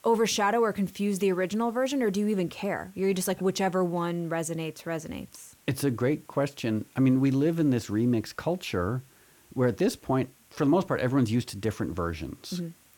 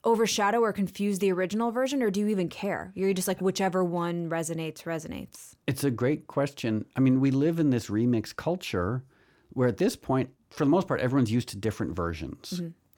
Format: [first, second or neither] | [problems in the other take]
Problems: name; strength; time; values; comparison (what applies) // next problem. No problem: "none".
second | hiss; faint; throughout; 30 dB below the speech